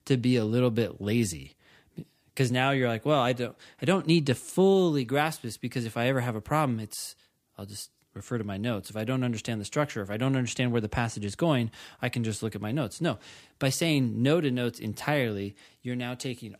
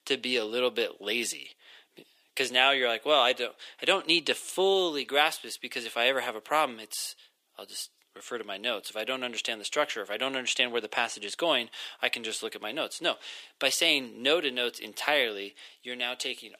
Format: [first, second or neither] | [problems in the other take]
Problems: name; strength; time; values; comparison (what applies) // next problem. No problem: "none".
first | thin; very; fading below 450 Hz